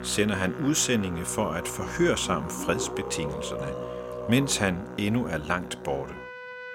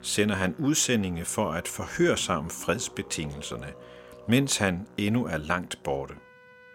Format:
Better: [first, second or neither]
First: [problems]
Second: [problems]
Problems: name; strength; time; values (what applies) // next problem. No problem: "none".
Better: second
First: background music; loud; throughout; 9 dB below the speech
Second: background music; faint; throughout; 20 dB below the speech